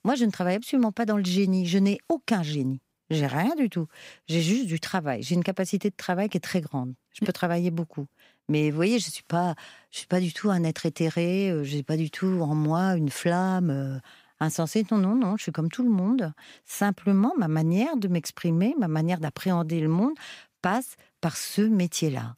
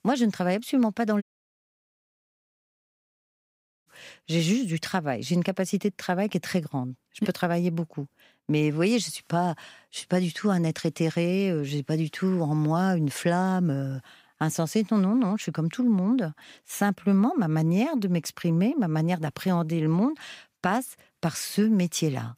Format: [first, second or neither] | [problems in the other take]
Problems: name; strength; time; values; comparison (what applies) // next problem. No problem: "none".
first | audio cutting out; at 1 s for 2.5 s